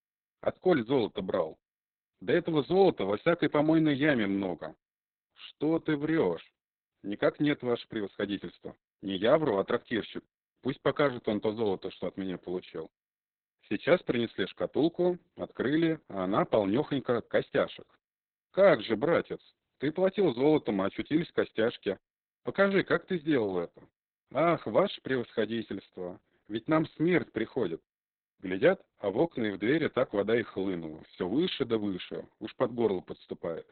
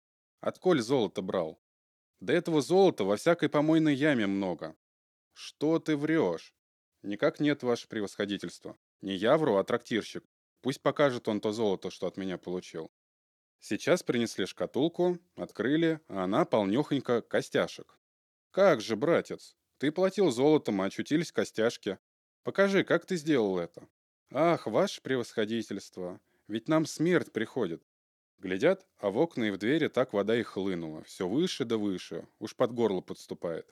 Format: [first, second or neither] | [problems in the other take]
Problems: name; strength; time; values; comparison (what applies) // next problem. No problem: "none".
second | garbled, watery; badly; nothing above 4 kHz